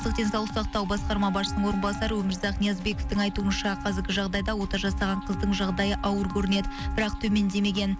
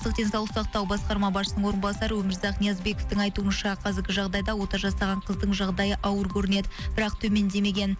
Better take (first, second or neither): second